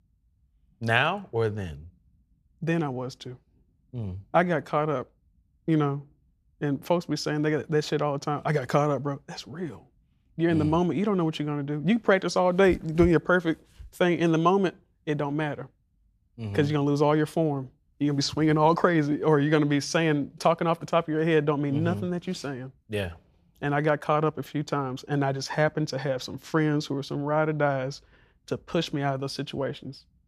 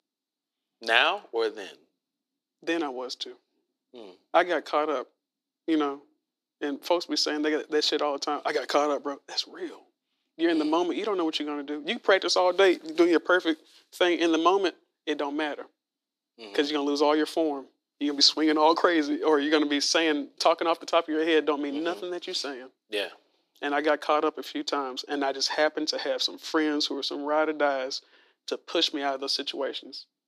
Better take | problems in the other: first | thin; somewhat; fading below 300 Hz

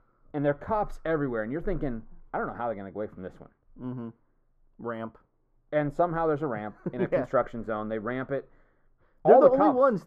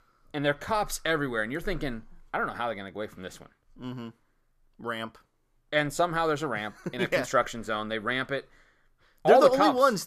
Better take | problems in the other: second | muffled; very; fading above 2 kHz

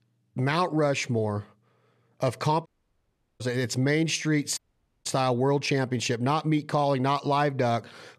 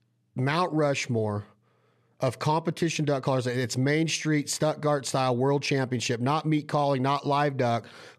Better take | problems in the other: second | audio cutting out; at 2.5 s for 0.5 s and at 4.5 s

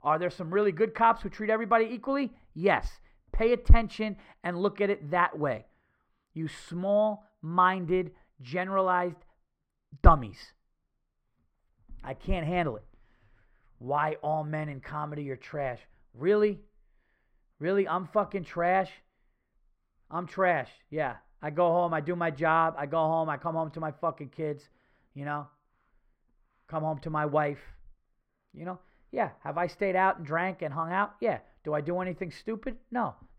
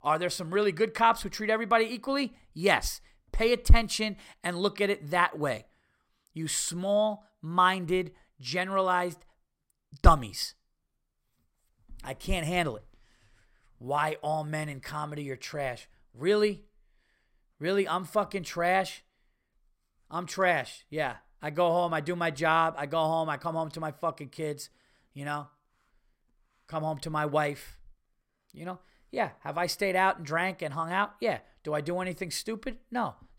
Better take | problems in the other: second | muffled; very; fading above 4 kHz

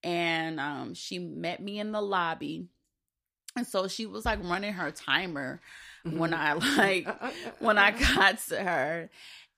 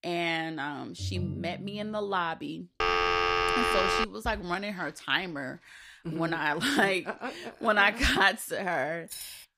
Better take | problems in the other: first | phone ringing; noticeable; at 1 s; peak 5 dB below the speech // phone ringing; loud; from 3 to 4 s; peak 4 dB above the speech // jangling keys; faint; at 9 s; peak 10 dB below the speech

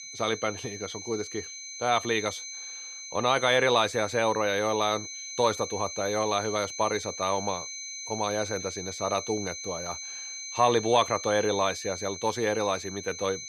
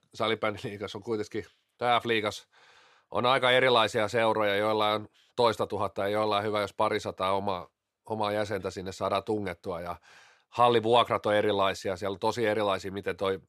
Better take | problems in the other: second | high-pitched whine; loud; throughout; 6.5 kHz, 8 dB below the speech

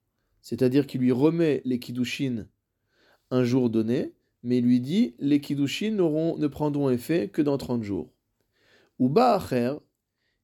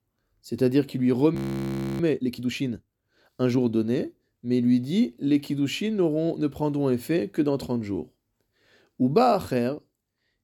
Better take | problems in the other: first | audio freezing; at 1.5 s for 0.5 s

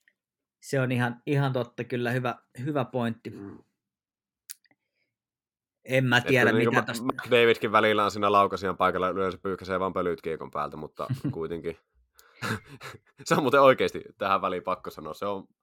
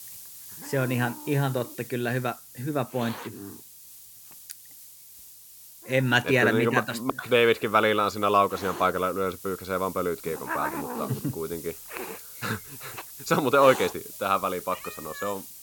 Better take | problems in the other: first | hiss; noticeable; throughout; 15 dB below the speech

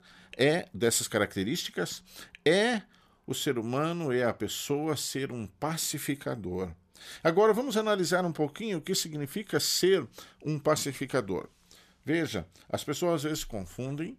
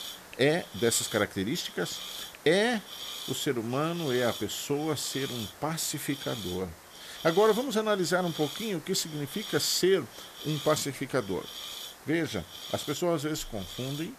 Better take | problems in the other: first | hiss; noticeable; throughout; 10 dB below the speech

